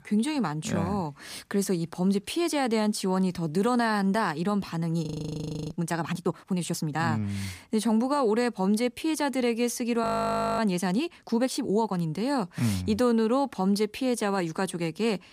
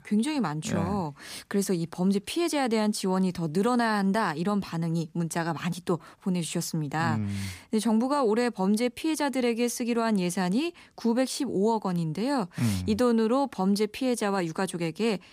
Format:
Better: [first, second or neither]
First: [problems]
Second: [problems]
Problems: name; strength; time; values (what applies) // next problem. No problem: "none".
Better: second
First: audio freezing; at 5 s for 0.5 s and at 10 s for 0.5 s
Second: none